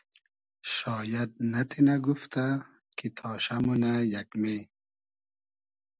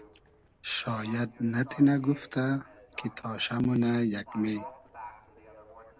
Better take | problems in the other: first | background sound (Livestock, farm animals, working animals); 19 dB below the speech

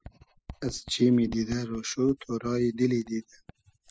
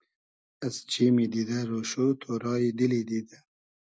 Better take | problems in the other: second | noise reduction (classical method spectral subtraction)

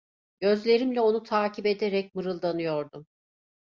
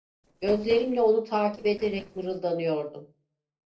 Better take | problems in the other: first | noise reduction (neural separator model SepFormer DNS4)

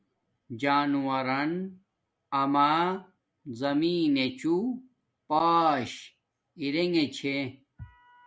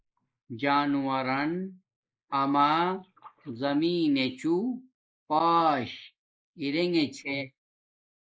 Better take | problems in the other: first | noise reduction (neural mask model Resemble Enhance denoiser)

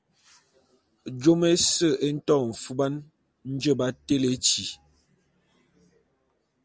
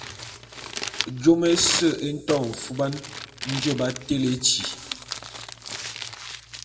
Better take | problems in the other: first | background sound (Crumpling, crinkling); 9 dB below the speech // room echo; dies away in 0.7 s

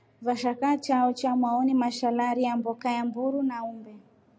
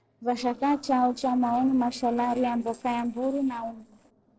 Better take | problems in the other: first | noise reduction (neural separator model SepFormer DNS4)

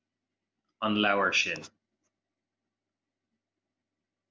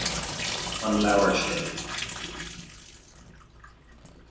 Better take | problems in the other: first | background sound (Drip / Sink (filling or washing)); 5 dB below the speech // room echo; dies away in 0.9 s

